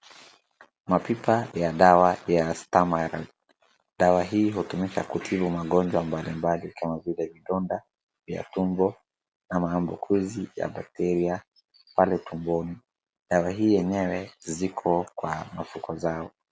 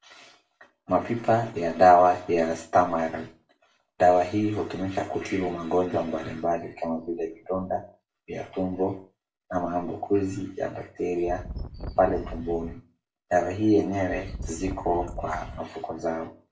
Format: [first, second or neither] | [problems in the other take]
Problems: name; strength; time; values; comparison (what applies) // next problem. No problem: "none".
first | background sound (Wind); 10 dB below the speech // room echo; dies away in 0.3 s